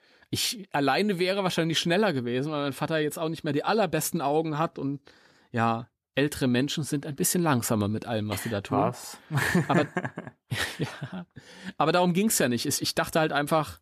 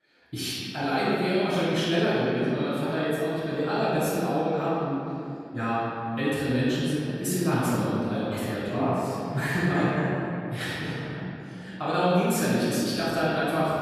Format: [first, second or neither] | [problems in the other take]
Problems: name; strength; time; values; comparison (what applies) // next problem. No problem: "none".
first | off-mic speech; far // room echo; strong; dies away in 2.5 s